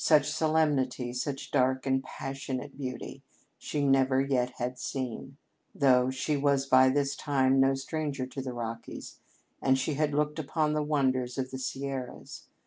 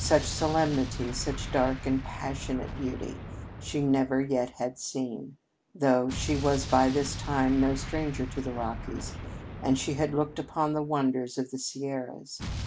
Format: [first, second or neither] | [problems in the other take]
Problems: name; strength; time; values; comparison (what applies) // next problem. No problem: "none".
first | background sound (Explosion); 9 dB below the speech